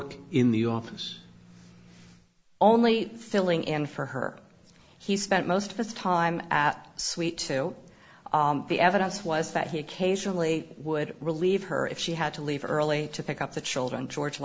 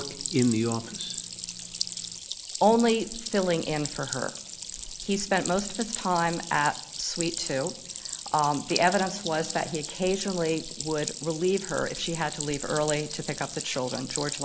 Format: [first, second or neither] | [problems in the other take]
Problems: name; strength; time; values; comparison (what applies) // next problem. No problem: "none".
first | background sound (Stream); 8 dB below the speech